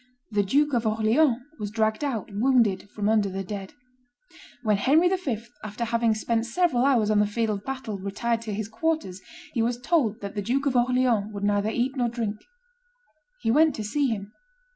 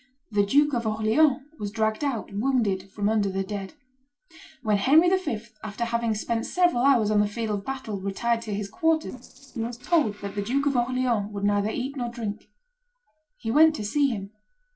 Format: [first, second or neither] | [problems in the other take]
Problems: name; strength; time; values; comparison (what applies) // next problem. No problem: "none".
first | noise reduction (neural separator model SepFormer DNS4)